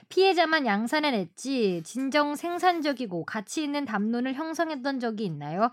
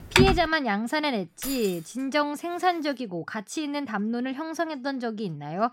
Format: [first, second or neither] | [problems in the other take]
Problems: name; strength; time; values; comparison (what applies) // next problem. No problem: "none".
first | keyboard typing; loud; at the start; peak 6 dB above the speech // jangling keys; noticeable; at 1.5 s; peak 7 dB below the speech